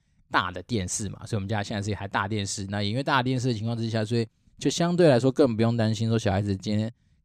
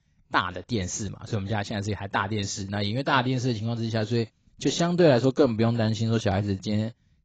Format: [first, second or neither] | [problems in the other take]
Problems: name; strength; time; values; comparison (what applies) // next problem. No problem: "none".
first | garbled, watery; badly; nothing above 7.5 kHz